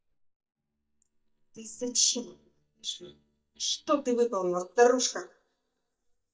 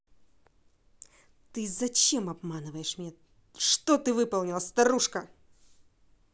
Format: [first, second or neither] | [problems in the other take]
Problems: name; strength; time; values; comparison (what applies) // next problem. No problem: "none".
second | noise reduction (neural mask model DeepFilterNet 3)